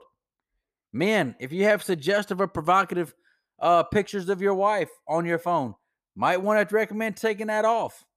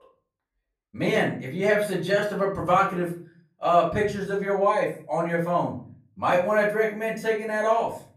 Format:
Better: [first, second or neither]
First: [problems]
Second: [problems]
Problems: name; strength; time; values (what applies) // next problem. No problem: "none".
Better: first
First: none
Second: off-mic speech; far // room echo; slight; dies away in 0.4 s